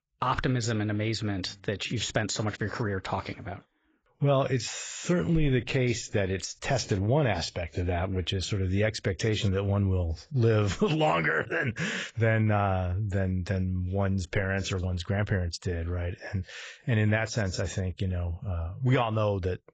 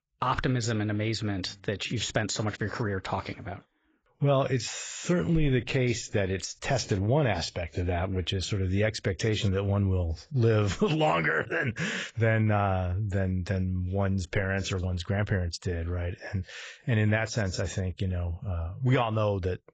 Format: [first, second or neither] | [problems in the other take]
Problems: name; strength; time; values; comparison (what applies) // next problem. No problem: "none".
neither | garbled, watery; badly; nothing above 7.5 kHz; the same in both